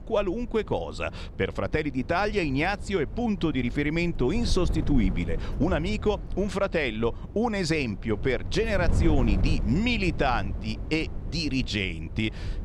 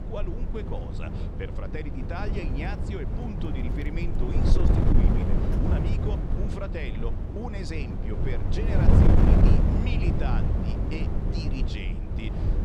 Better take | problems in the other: first | wind noise on the microphone; heavy; 3 dB above the speech; occasional gusts in the first

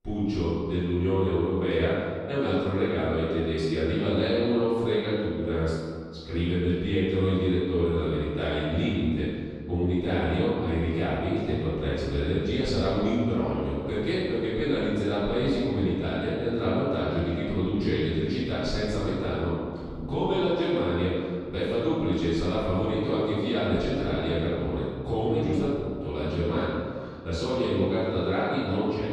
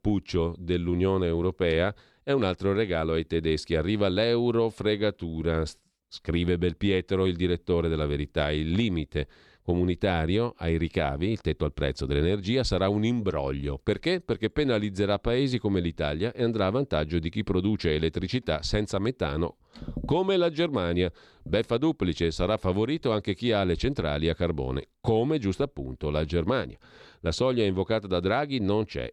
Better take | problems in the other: second | room echo; strong; dies away in 1.8 s // off-mic speech; far

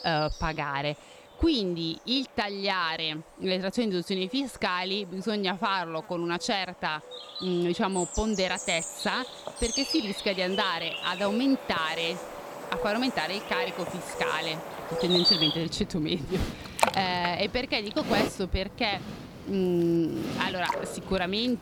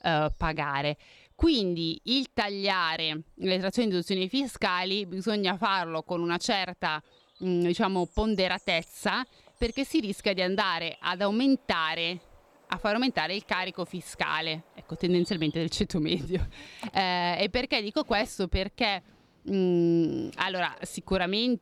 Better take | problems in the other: second | animal sounds; loud; throughout; 3 dB below the speech; faint in the second

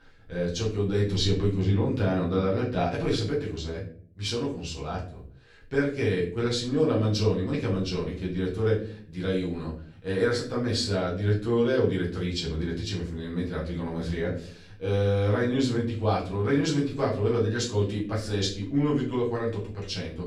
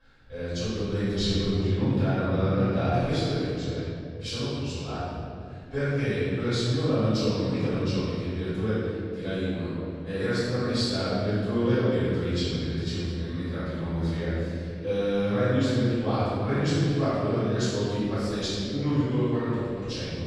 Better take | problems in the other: first | room echo; strong; dies away in 2.3 s; slight in the first // off-mic speech; far; far in the first

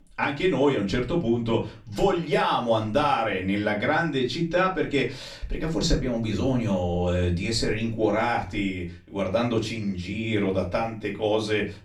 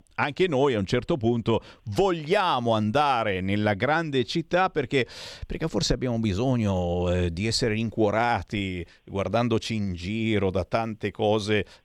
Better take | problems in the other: second | off-mic speech; far // room echo; very slight; dies away in 0.3 s

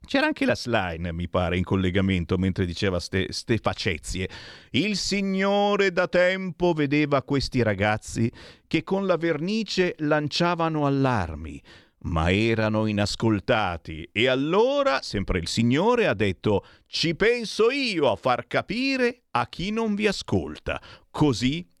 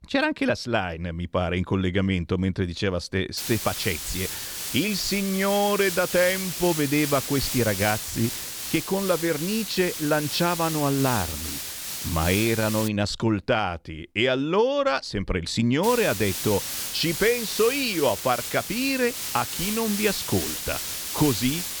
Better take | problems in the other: first | hiss; loud; from 3.5 to 13 s and from 16 s on; 5 dB below the speech

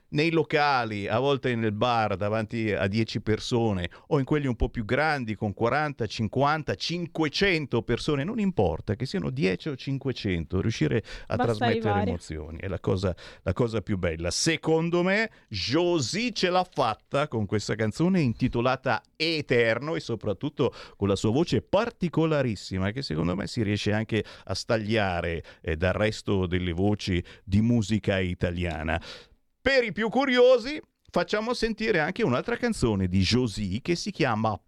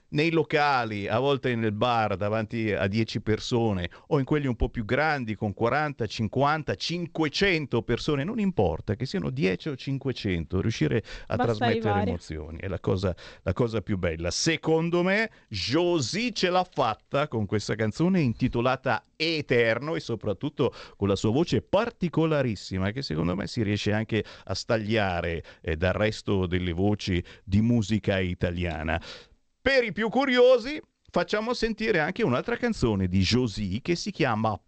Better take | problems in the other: first | garbled, watery; slightly; nothing above 8 kHz

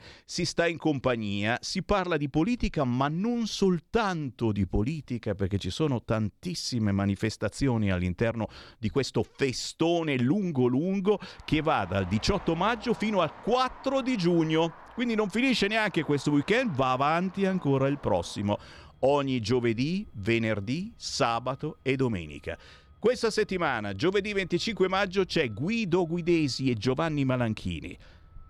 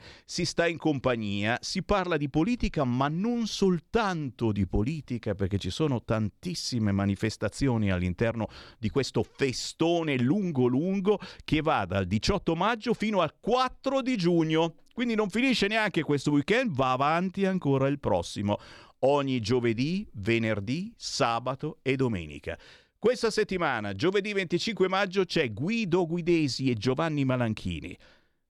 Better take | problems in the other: second | traffic noise; faint; from 11 s on; 25 dB below the speech

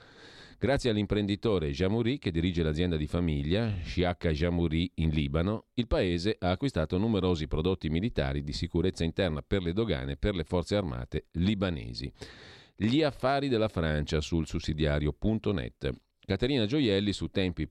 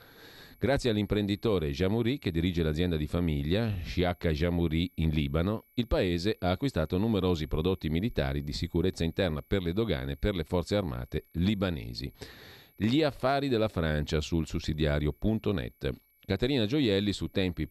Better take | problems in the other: first | high-pitched whine; faint; throughout; 11.5 kHz, 30 dB below the speech

